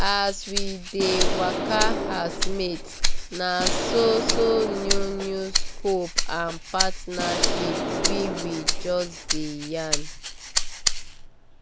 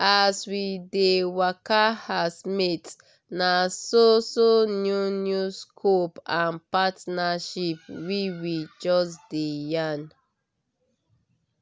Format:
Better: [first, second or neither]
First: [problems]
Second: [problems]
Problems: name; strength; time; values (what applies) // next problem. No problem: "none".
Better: second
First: background sound (Rattle (instrument) + Explosion); 3 dB above the speech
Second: none